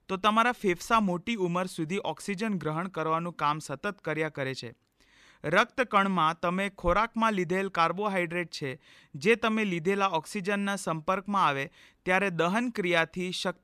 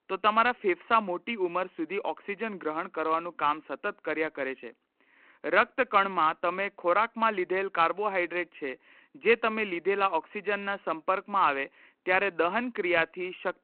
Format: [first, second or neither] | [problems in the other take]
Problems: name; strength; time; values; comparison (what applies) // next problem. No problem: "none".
first | phone-call audio; nothing above 4 kHz